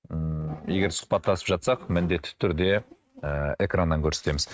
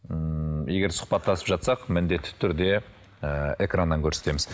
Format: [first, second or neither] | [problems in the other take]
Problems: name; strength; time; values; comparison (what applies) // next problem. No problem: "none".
second | noise reduction (neural mask model RNNoise)